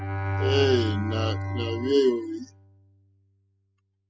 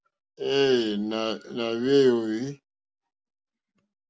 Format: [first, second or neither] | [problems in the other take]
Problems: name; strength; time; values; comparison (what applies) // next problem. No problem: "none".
second | noise reduction (classical method spectral subtraction)